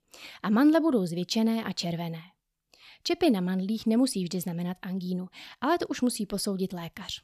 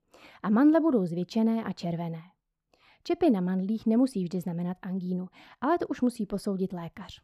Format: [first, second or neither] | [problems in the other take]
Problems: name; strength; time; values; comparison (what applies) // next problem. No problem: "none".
first | muffled; slightly; fading above 2 kHz